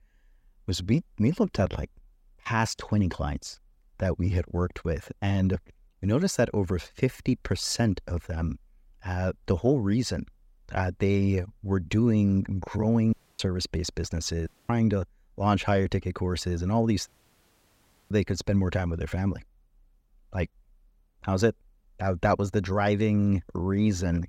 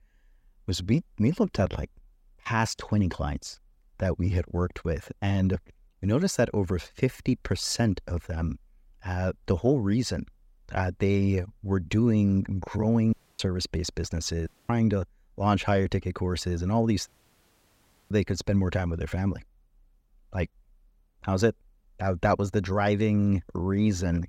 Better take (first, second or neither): neither